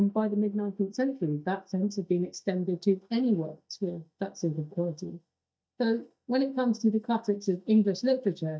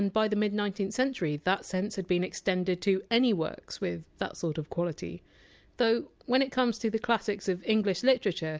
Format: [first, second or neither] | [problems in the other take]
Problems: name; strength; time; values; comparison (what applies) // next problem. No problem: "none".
second | noise reduction (neural mask model DeepFilterNet 3)